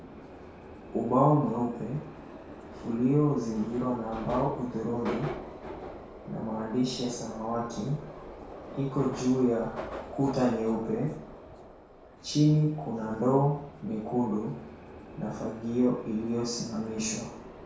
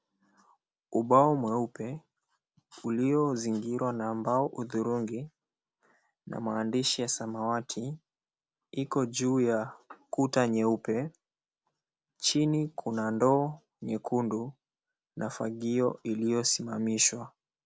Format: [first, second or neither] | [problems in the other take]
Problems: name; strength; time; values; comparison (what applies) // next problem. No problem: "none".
second | background sound (Subway, metro, underground); 13 dB below the speech // room echo; dies away in 0.6 s